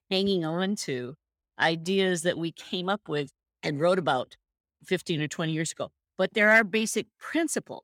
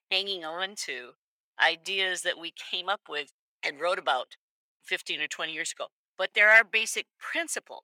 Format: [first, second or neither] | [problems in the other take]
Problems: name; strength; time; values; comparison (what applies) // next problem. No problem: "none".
first | thin; very; fading below 750 Hz